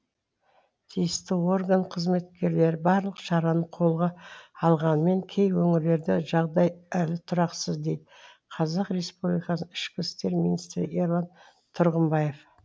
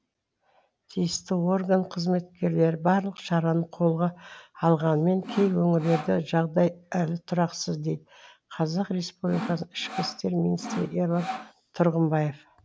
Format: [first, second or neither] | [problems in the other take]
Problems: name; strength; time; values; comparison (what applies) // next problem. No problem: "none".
first | background sound (Sawing); 10 dB below the speech